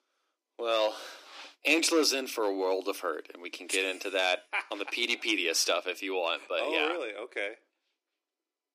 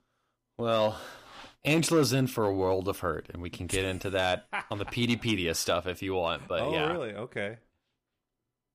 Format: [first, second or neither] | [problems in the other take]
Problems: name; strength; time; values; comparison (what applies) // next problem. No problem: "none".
second | thin; somewhat; fading below 300 Hz